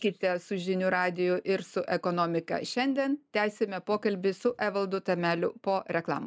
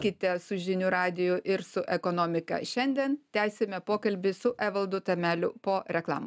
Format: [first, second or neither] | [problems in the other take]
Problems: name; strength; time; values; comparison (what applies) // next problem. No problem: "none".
second | noise reduction (neural mask model Resemble Enhance denoiser)